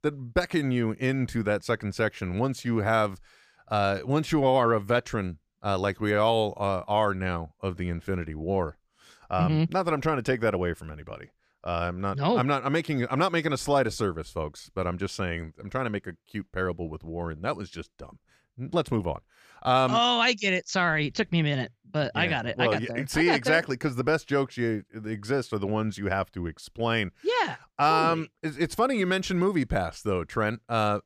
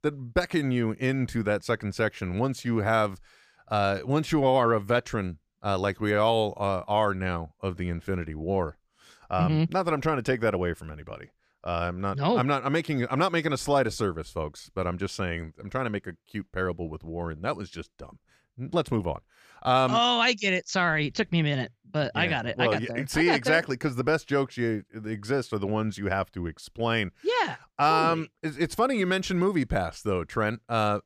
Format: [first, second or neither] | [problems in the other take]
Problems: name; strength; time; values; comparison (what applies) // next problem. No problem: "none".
neither | none